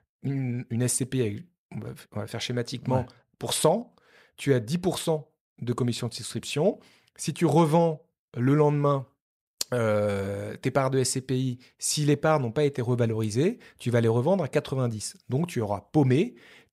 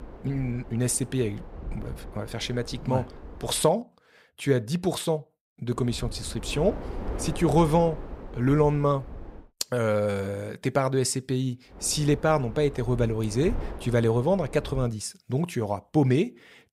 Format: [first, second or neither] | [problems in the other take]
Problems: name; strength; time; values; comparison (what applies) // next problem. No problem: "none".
first | wind noise on the microphone; occasional gusts; until 3.5 s, from 5.5 to 9.5 s and from 12 to 15 s; 15 dB below the speech